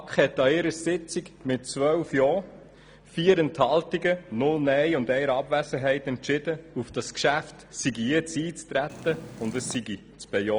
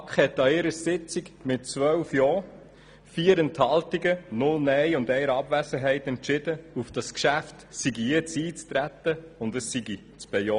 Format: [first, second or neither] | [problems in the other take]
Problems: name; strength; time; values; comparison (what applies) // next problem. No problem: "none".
second | background sound (Purr); 14 dB below the speech